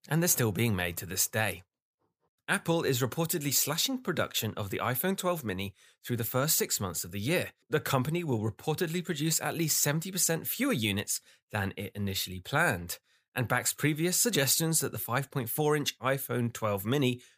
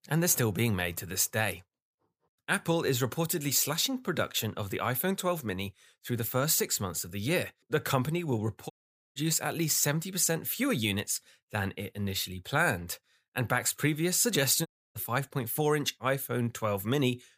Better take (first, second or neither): first